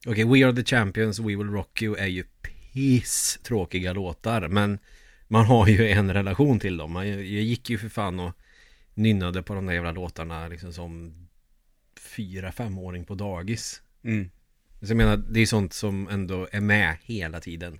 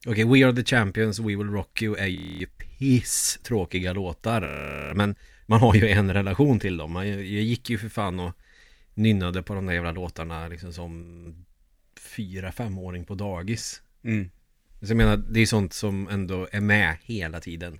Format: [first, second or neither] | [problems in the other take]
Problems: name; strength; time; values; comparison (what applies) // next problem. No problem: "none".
first | audio freezing; at 2 s, at 4.5 s and at 11 s